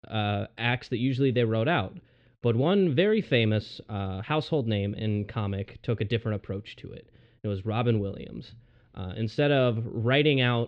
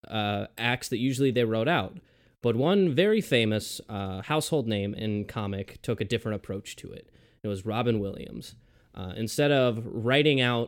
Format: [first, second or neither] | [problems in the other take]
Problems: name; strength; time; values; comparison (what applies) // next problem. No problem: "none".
second | muffled; very slightly; fading above 4 kHz